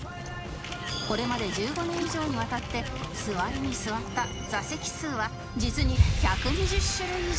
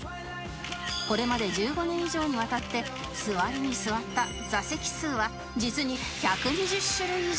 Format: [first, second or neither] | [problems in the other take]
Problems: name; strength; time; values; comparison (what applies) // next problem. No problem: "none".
second | background sound (Waves, surf); as loud as the speech